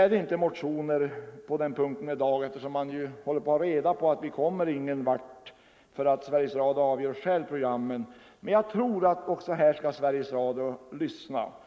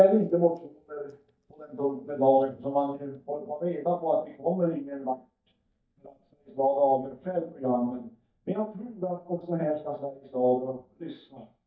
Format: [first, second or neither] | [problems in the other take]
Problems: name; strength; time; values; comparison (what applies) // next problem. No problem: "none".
first | noise reduction (neural mask model DeepFilterNet 3)